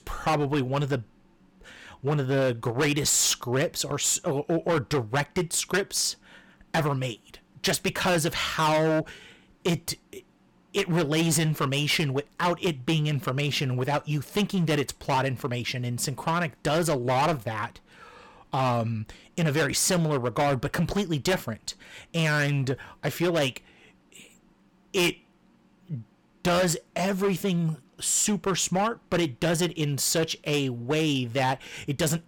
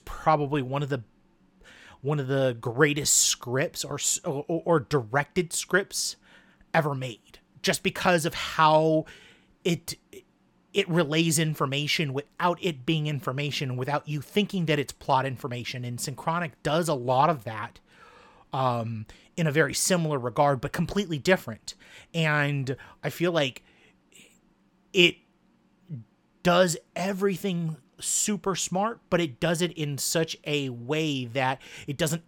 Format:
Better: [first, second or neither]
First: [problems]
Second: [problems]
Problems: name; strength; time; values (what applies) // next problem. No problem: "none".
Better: second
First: distortion; heavy; 11% of the sound clipped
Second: none